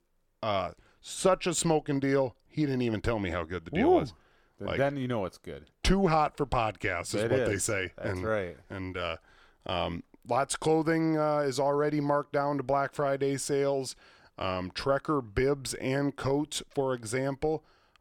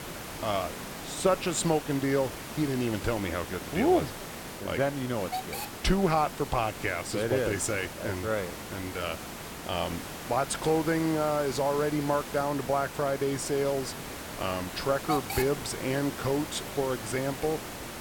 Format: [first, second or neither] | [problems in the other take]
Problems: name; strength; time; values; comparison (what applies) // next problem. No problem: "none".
first | hiss; loud; throughout; 8 dB below the speech